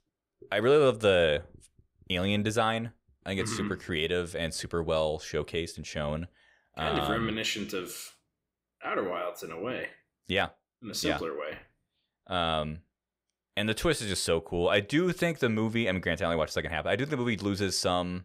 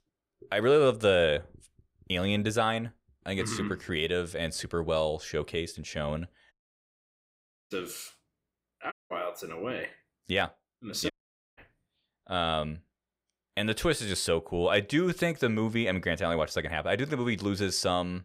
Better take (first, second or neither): first